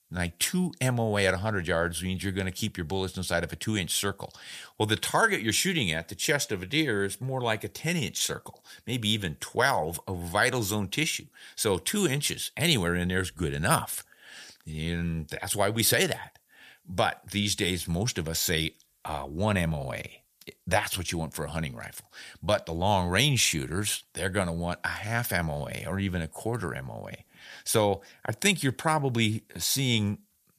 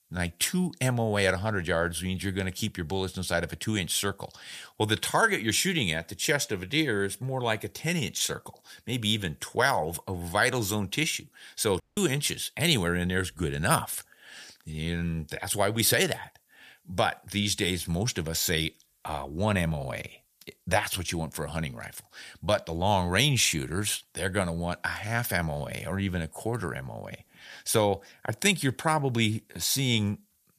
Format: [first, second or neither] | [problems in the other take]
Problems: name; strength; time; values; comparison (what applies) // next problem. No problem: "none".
first | audio cutting out; at 12 s